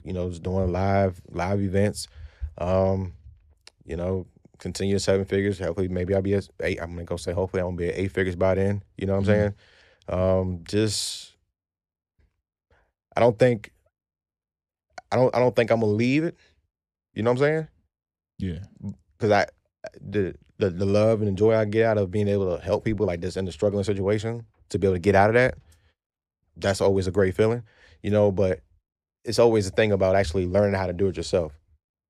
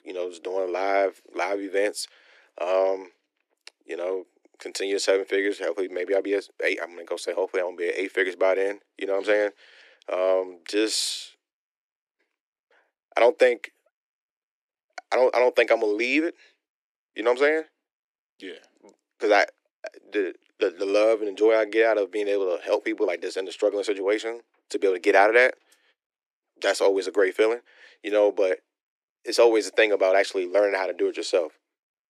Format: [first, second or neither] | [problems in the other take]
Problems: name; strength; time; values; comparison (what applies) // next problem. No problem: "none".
first | thin; very; fading below 300 Hz